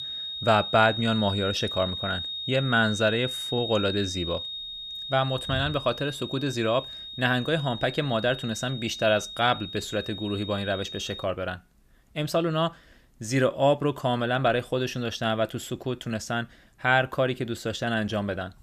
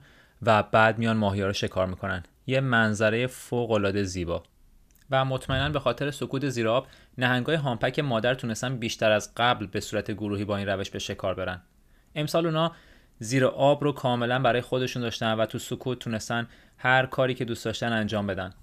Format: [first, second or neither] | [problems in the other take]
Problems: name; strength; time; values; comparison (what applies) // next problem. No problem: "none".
second | high-pitched whine; loud; until 11 s; 3.5 kHz, 7 dB below the speech